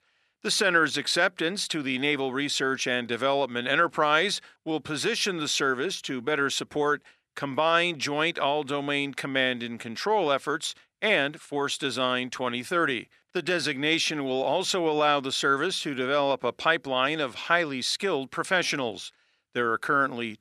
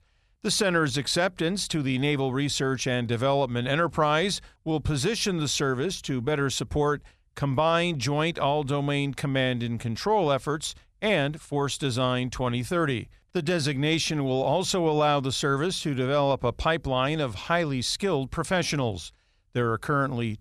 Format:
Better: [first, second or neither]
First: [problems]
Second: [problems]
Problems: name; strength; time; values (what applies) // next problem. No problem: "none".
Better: second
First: thin; very slightly; fading below 300 Hz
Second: none